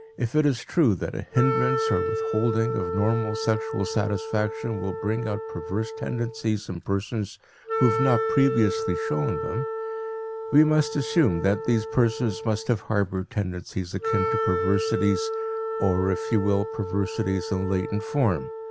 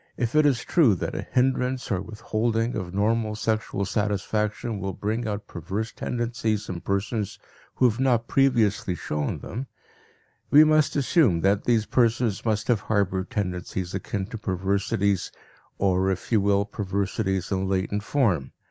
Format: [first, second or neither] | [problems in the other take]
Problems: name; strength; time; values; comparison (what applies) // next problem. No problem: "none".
second | background sound (Wind instrument, woodwind instrument); 5 dB below the speech